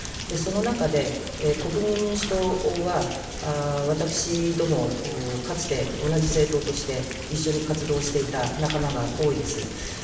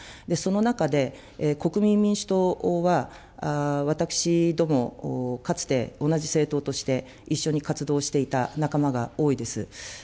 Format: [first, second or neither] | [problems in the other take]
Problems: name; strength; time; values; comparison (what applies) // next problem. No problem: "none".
second | background sound (Rain); 8 dB below the speech // room echo; dies away in 1 s